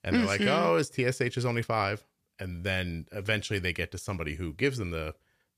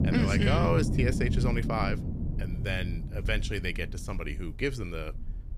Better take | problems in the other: first | low rumble; loud; throughout; 7 dB below the speech

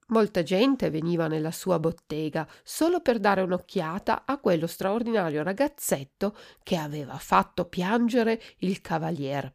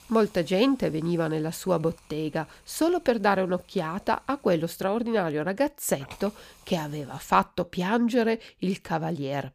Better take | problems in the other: first | hiss; faint; until 7.5 s; 25 dB below the speech

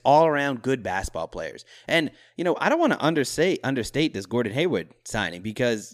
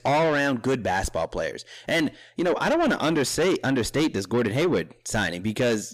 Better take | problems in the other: first | distortion; heavy; 6 dB below the speech

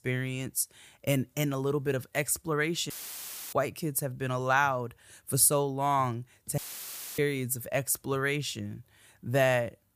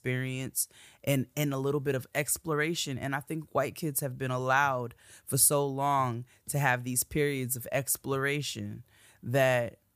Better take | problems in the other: second | audio cutting out; filled with static; at 3 s for 0.5 s and at 6.5 s for 0.5 s

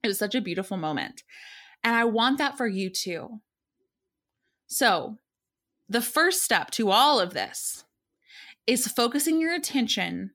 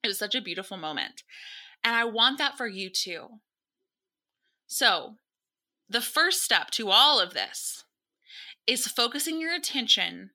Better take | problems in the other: first | thin; very slightly; fading below 450 Hz

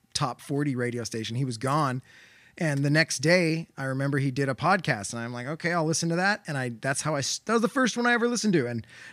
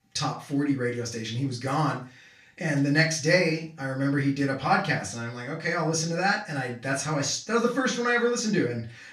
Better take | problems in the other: first | room echo; slight; dies away in 0.3 s // off-mic speech; far

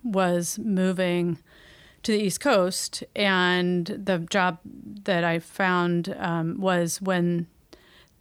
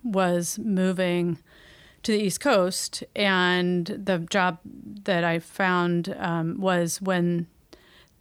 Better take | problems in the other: neither | none

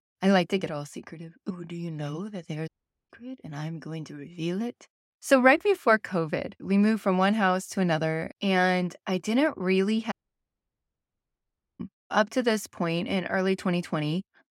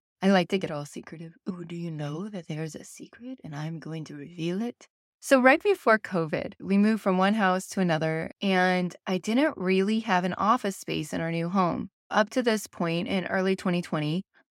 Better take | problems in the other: second | audio cutting out; at 2.5 s and at 10 s for 1.5 s

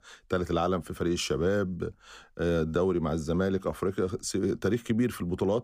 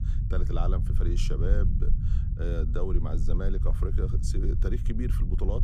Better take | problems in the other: first | low rumble; loud; throughout; 7 dB below the speech

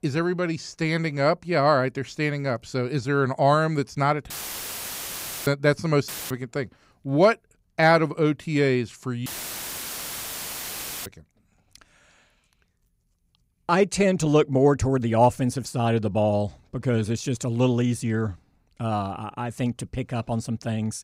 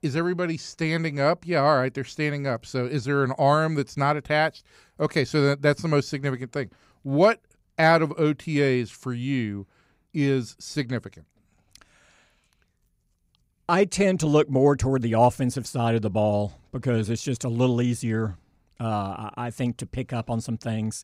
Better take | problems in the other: second | audio cutting out; filled with static; at 4.5 s for 1 s, at 6 s and at 9.5 s for 2 s

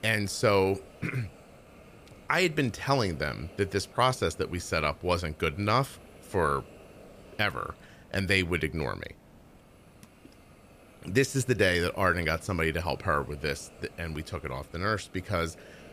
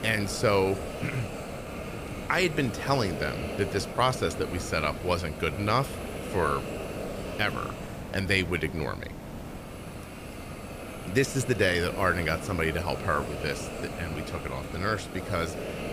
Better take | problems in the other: first | hiss; loud; throughout; 8 dB below the speech; faint in the first

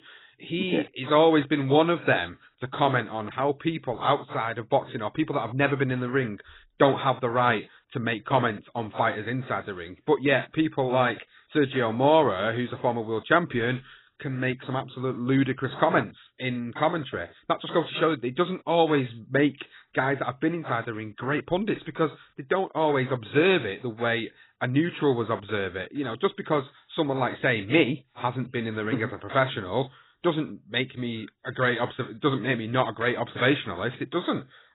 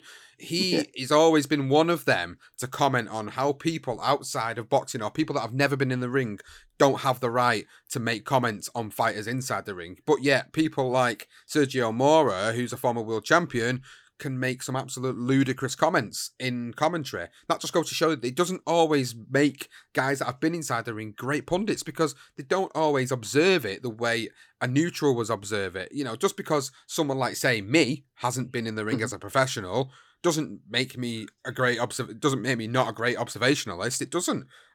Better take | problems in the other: second | garbled, watery; badly; nothing above 4 kHz

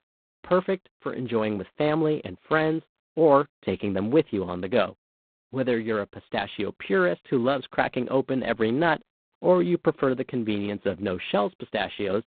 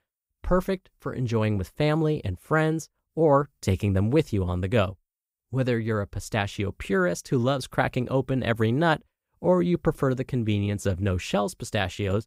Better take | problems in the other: second | phone-call audio; poor line; nothing above 4 kHz

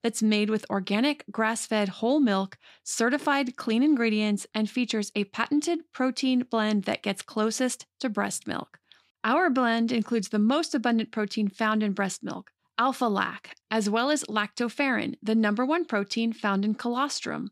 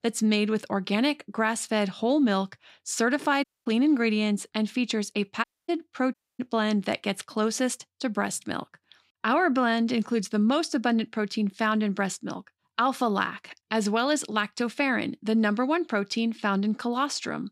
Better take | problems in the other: first | audio cutting out; at 3.5 s, at 5.5 s and at 6 s

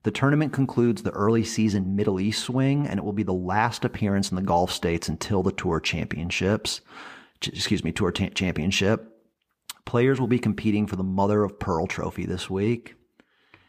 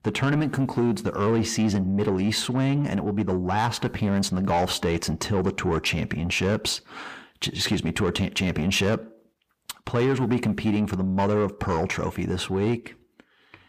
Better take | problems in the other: first | distortion; slight; 10 dB below the speech

